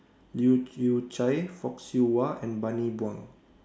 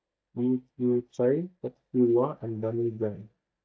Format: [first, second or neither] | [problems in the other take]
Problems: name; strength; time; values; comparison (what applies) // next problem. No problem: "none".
first | noise reduction (neural mask model DeepFilterNet 3)